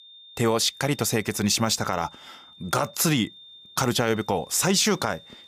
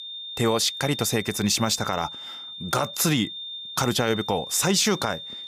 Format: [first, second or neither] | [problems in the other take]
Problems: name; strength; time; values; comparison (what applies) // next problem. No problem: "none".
first | high-pitched whine; loud; throughout; 3.5 kHz, 10 dB below the speech; faint in the first